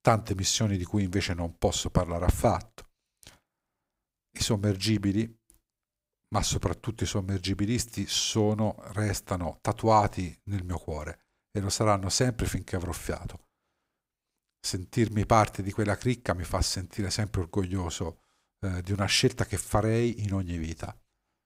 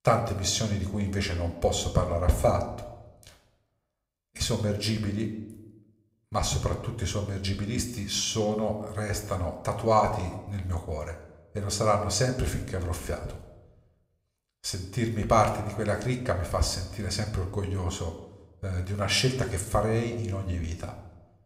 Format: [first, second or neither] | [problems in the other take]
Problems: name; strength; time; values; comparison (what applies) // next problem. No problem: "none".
first | room echo; slight; dies away in 0.7 s